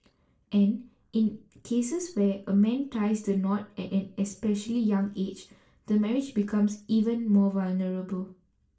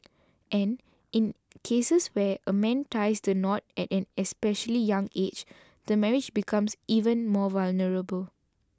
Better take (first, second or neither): second